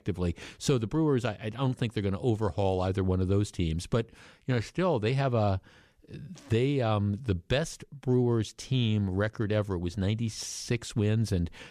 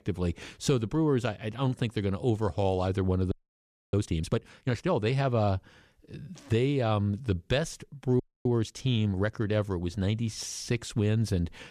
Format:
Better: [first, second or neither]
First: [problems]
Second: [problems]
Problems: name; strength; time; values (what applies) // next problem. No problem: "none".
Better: first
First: none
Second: audio freezing; at 3.5 s for 0.5 s and at 8 s